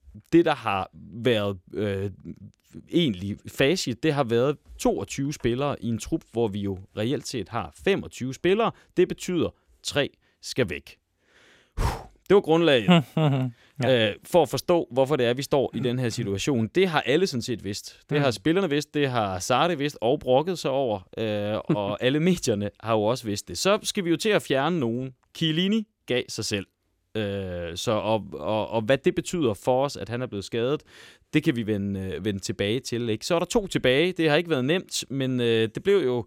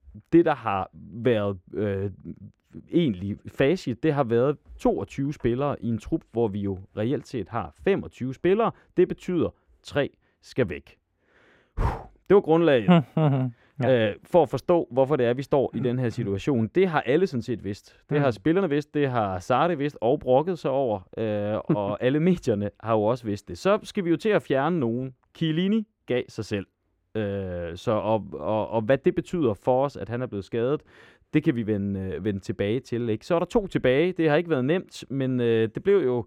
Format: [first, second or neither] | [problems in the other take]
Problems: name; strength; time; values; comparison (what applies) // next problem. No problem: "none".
first | muffled; slightly; fading above 3 kHz